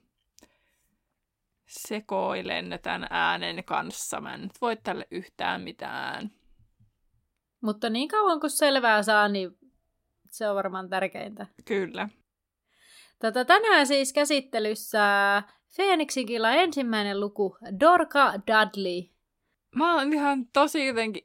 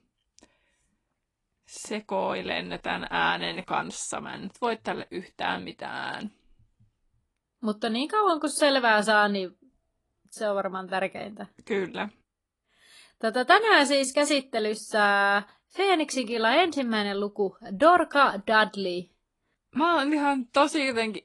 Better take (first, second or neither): first